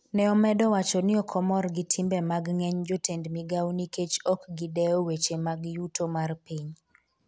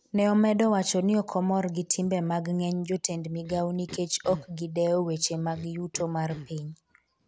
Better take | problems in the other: first | background sound (Cough); 19 dB below the speech

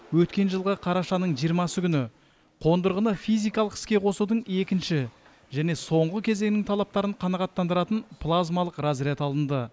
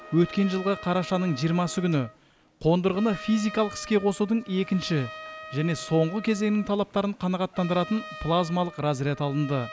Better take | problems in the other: first | background sound (Trumpet); 17 dB below the speech

